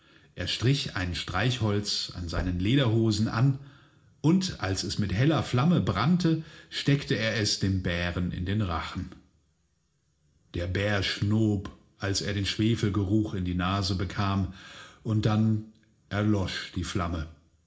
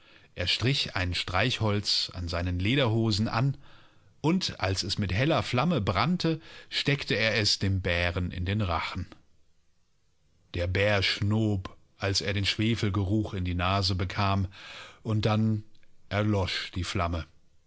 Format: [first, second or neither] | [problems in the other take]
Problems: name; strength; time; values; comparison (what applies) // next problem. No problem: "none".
second | background sound (Knock); 14 dB below the speech // room echo; dies away in 0.4 s